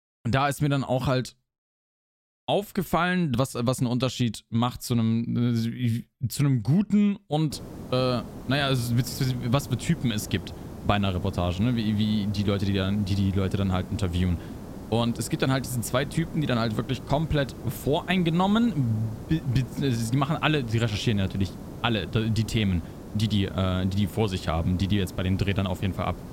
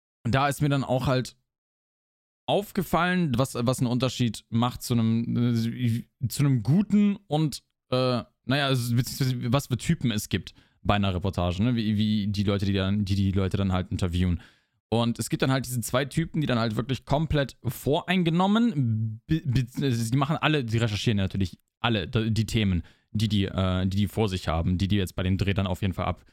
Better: second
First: hiss; noticeable; from 7.5 s on; 15 dB below the speech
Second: none

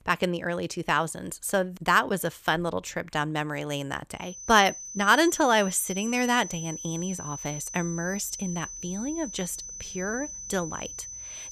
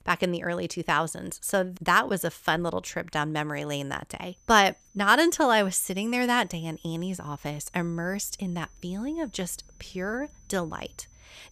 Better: second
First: high-pitched whine; loud; from 4.5 s on; 6 kHz, 10 dB below the speech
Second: high-pitched whine; faint; from 4.5 s on; 6 kHz, 30 dB below the speech

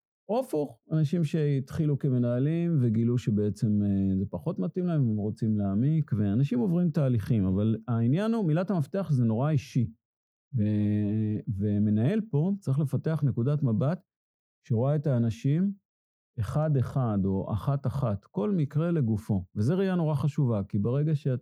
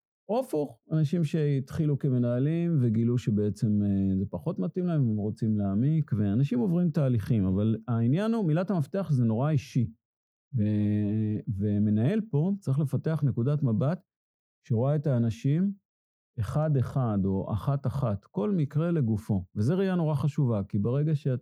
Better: neither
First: muffled; very; fading above 1.5 kHz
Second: muffled; very; fading above 1.5 kHz

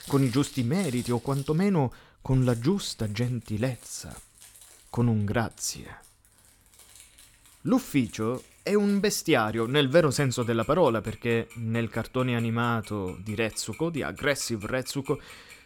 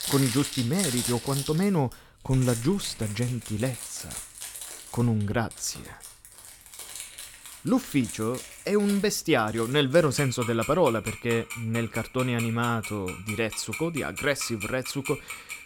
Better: first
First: household noises; faint; throughout; 20 dB below the speech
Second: household noises; loud; throughout; 9 dB below the speech

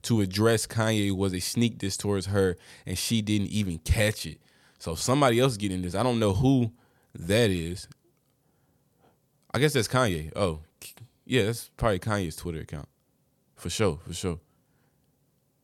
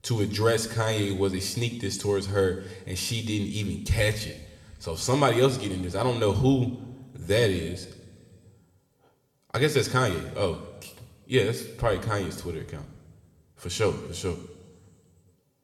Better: first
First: none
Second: room echo; slight; dies away in 1.2 s

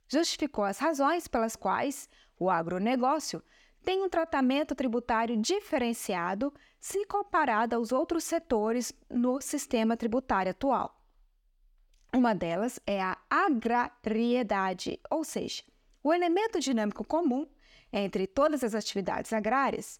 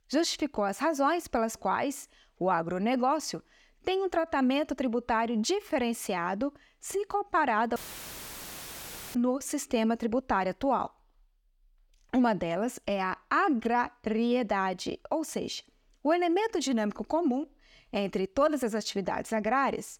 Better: first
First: none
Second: audio cutting out; filled with static; at 8 s for 1.5 s

